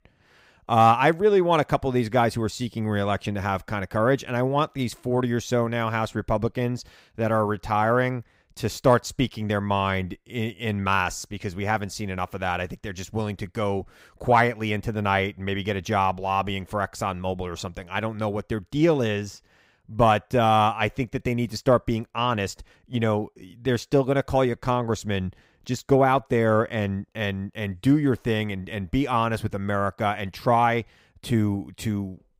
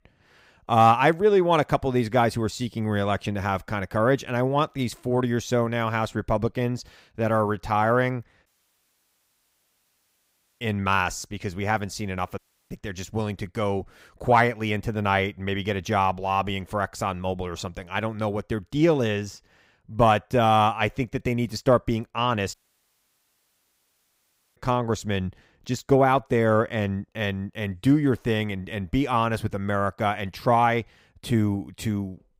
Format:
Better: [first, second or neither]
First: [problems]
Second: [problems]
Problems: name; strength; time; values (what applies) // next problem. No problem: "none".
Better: first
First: none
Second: audio cutting out; at 8.5 s for 2 s, at 12 s and at 23 s for 2 s